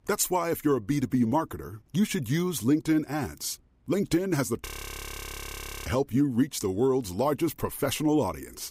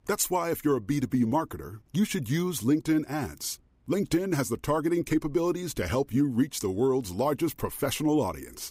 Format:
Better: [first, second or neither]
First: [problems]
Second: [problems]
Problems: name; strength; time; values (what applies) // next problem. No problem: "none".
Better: second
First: audio freezing; at 4.5 s for 1 s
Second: none